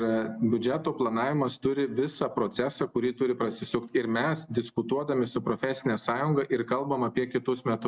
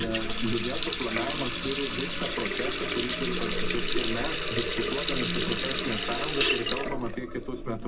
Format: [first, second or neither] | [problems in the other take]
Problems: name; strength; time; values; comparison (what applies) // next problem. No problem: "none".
first | background sound (Water tap, faucet); 4 dB above the speech // room echo; dies away in 0.2 s